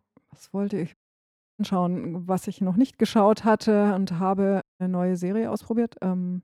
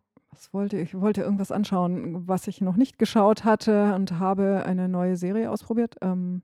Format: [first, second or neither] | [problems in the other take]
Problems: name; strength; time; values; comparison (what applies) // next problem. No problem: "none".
second | audio cutting out; at 1 s for 0.5 s and at 4.5 s